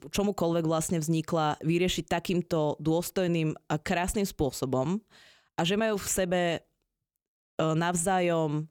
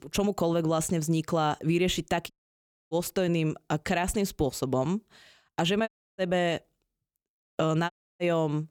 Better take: first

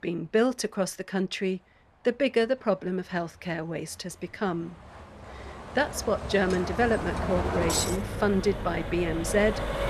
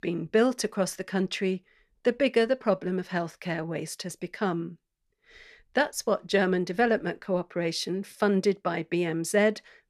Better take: second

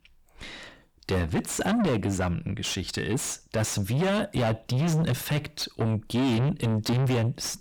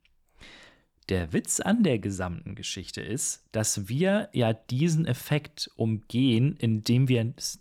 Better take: second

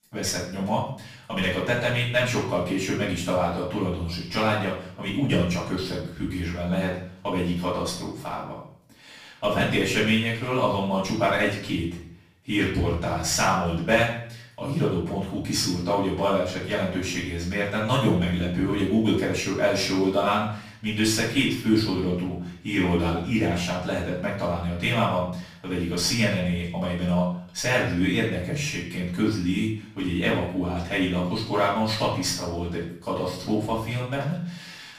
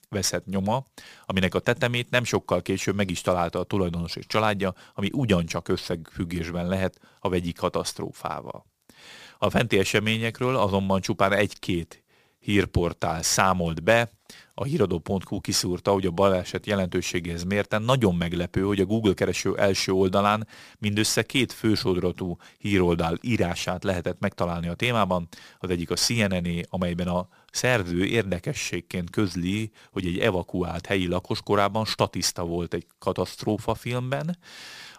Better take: second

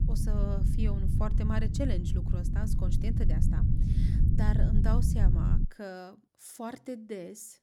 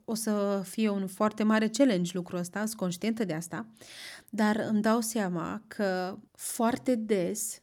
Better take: second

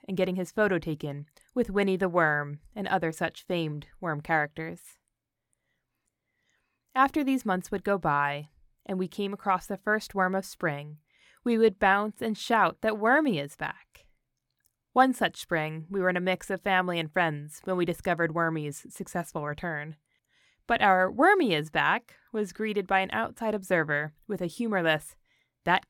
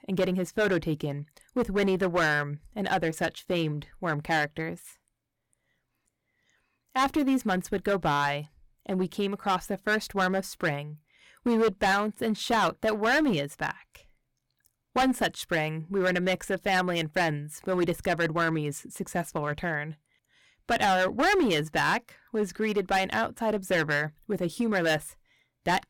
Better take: first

